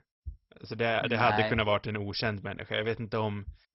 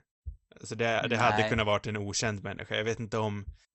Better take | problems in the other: second | garbled, watery; badly; nothing above 5.5 kHz; slightly in the second

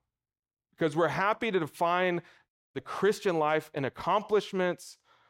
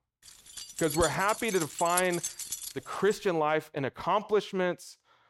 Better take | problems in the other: first | jangling keys; noticeable; from 0.5 to 3 s; peak 3 dB below the speech

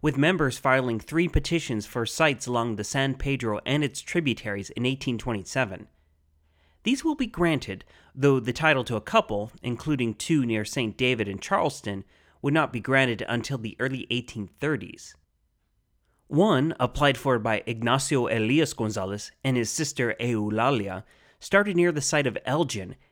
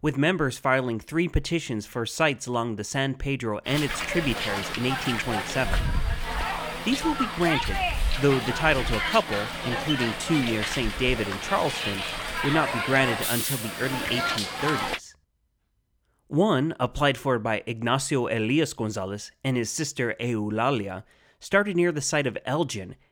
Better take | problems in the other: first | hiss; loud; from 3.5 to 15 s; 2 dB below the speech

